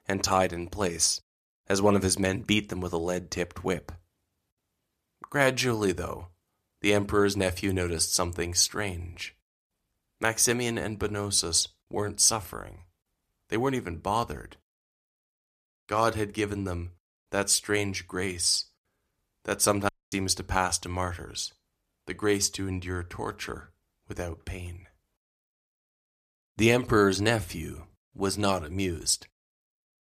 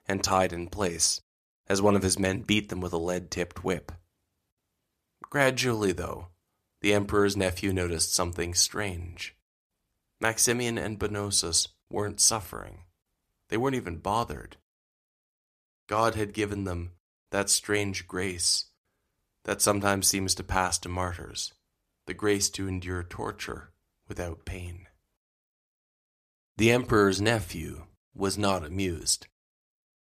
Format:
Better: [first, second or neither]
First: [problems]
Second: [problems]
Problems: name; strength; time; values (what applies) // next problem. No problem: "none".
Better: second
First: audio cutting out; at 20 s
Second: none